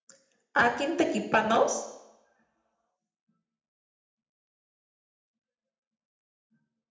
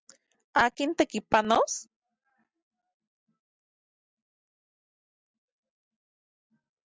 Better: second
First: room echo; dies away in 0.8 s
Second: none

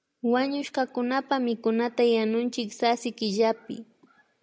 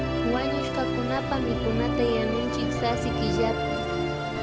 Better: first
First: none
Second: background sound (Musical instrument); 3 dB above the speech

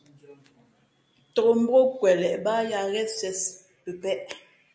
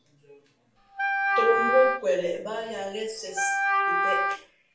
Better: first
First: none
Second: background sound (Wind instrument, woodwind instrument); 3 dB above the speech // room echo; dies away in 0.3 s

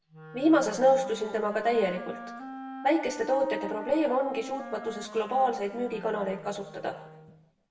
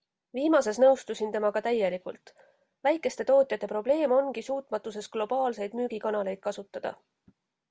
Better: second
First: background sound (Wind instrument, woodwind instrument); 13 dB below the speech // room echo; dies away in 0.7 s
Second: none

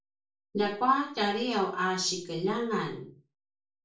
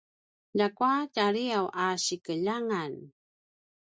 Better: second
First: room echo; dies away in 0.4 s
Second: none

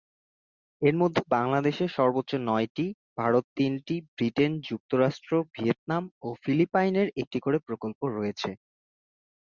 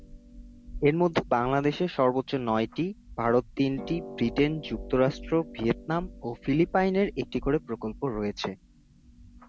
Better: first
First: none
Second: background sound (Harp); 16 dB below the speech

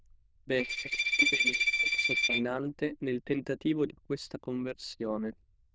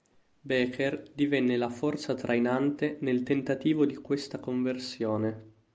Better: second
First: noise reduction (neural diffusion model UNIVERSE++)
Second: none

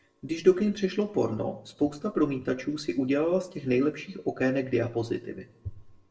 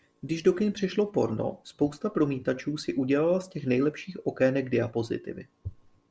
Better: second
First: room echo; dies away in 0.6 s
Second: none

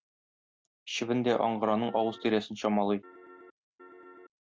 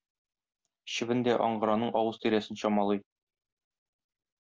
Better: second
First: noise reduction (neural mask model RNNoise)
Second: none

